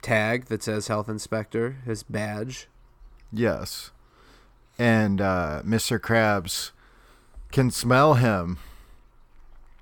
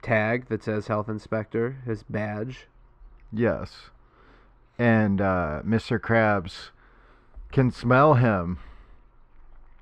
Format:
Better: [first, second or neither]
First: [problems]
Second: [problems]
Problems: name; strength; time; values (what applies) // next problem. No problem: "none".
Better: first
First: none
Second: muffled; slightly; fading above 2.5 kHz